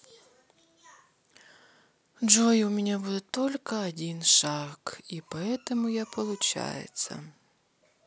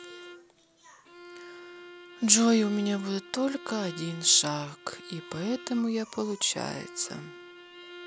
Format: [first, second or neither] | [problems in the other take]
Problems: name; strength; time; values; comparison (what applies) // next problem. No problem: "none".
first | background sound (Bowed string instrument); 17 dB below the speech